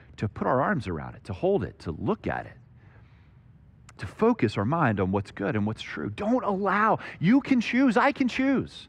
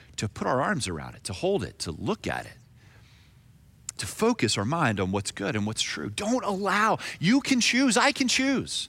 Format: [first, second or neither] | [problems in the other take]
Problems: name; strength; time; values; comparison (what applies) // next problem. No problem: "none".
second | muffled; very; fading above 3.5 kHz